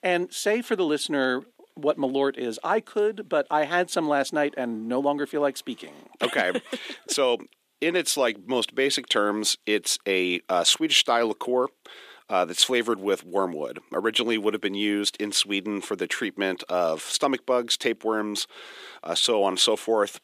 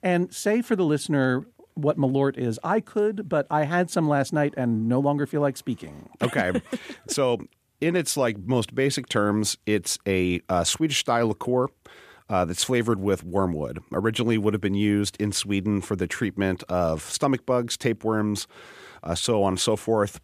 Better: second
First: thin; somewhat; fading below 300 Hz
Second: none

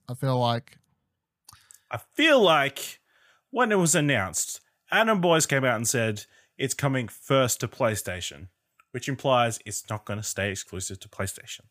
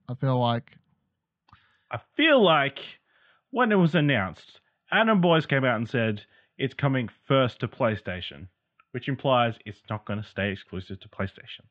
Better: first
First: none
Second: muffled; very; fading above 3.5 kHz

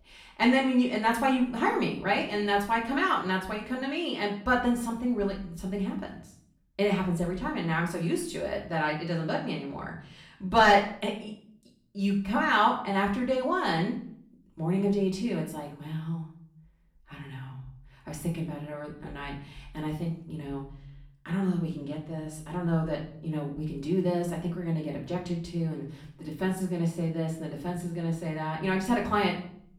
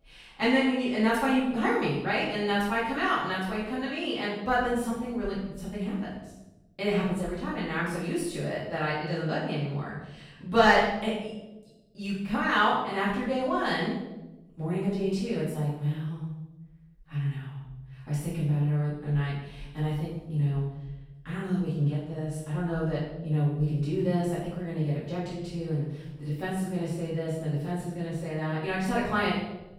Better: first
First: room echo; slight; dies away in 0.5 s // off-mic speech; far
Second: room echo; strong; dies away in 0.9 s // off-mic speech; far

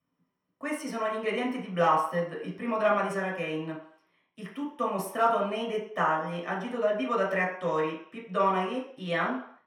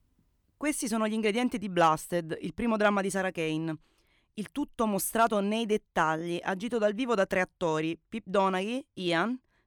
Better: second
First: room echo; noticeable; dies away in 0.6 s // off-mic speech; far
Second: none

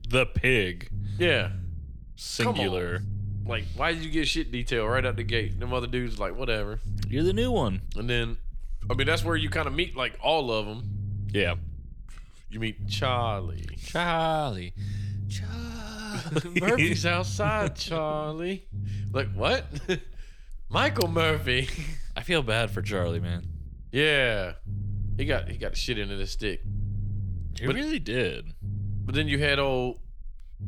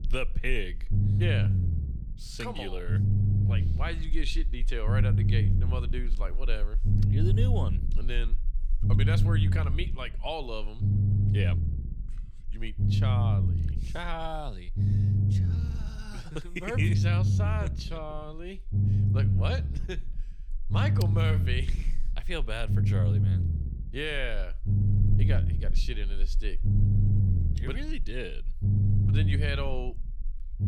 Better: first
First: low rumble; faint; throughout; 20 dB below the speech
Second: low rumble; loud; throughout; 3 dB below the speech

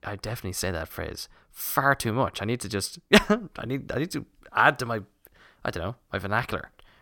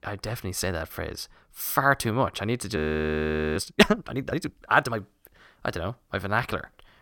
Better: first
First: none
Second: audio freezing; at 3 s for 1 s

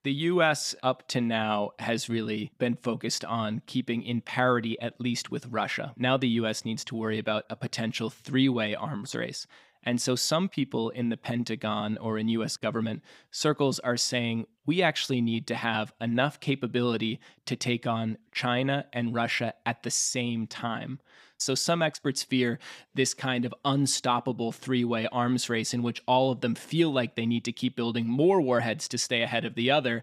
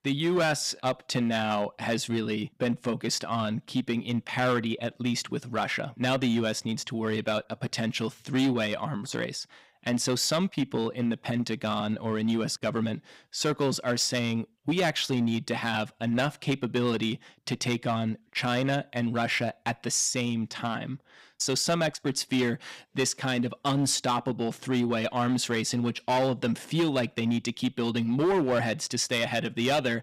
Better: first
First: none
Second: distortion; slight; 6% of the sound clipped

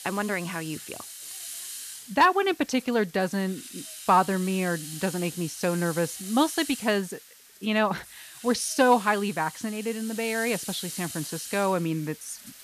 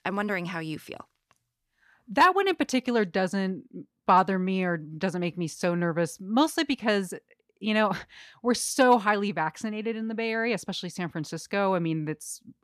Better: second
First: hiss; noticeable; throughout; 10 dB below the speech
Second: none

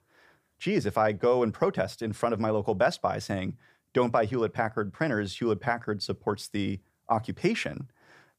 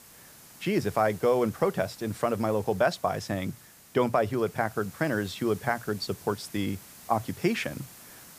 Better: first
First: none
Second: hiss; noticeable; throughout; 20 dB below the speech

